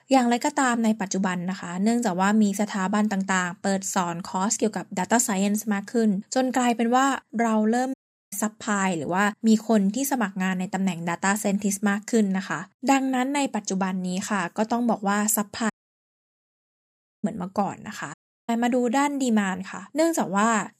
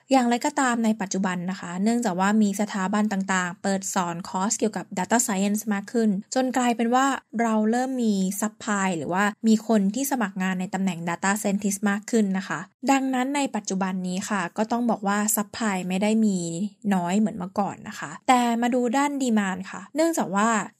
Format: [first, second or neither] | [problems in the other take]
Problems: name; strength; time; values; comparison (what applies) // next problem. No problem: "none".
second | audio cutting out; at 8 s, at 16 s for 1.5 s and at 18 s